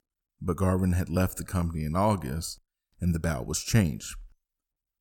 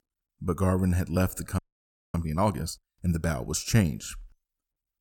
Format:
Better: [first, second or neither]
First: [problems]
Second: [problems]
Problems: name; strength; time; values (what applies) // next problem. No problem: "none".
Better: first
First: none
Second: audio freezing; at 1.5 s for 0.5 s